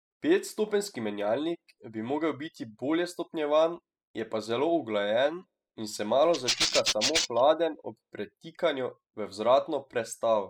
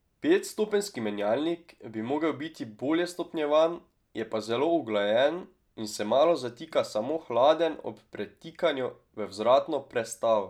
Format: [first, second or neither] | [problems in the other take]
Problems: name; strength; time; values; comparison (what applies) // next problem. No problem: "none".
second | noise reduction (classical method spectral subtraction)